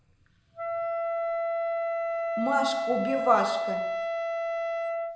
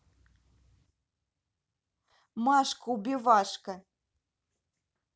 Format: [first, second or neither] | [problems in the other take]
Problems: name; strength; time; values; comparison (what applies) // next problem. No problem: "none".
second | background sound (Wind instrument, woodwind instrument); 2 dB above the speech // room echo; dies away in 0.9 s